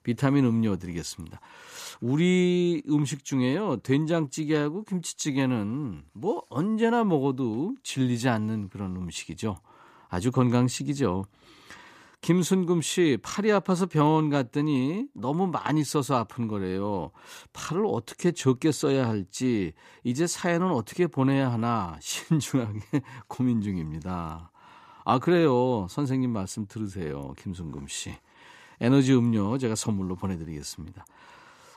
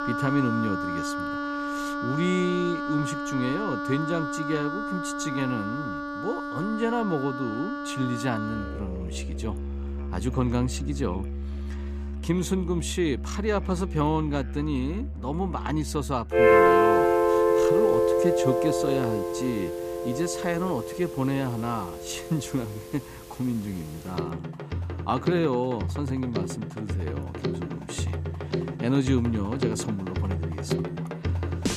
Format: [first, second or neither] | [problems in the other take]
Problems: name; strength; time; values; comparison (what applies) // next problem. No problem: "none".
first | background music; very loud; throughout; 1 dB above the speech